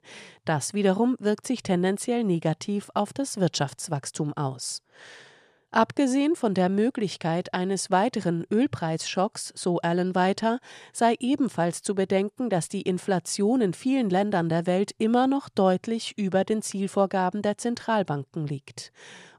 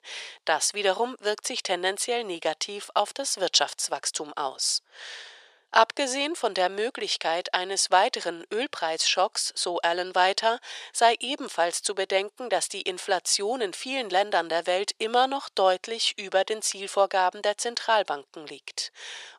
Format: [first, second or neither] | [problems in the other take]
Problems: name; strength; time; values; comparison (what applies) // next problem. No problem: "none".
first | thin; very; fading below 500 Hz